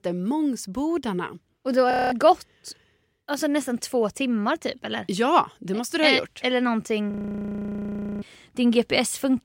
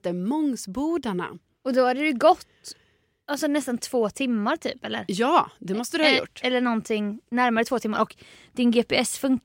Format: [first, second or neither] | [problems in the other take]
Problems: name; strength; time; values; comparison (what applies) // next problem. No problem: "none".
second | audio freezing; at 2 s and at 7 s for 1 s